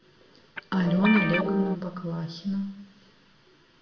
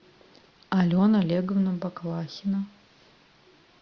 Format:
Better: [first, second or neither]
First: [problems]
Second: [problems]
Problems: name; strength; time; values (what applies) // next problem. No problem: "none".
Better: second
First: background sound (Guitar); 2 dB below the speech // room echo; dies away in 0.7 s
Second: none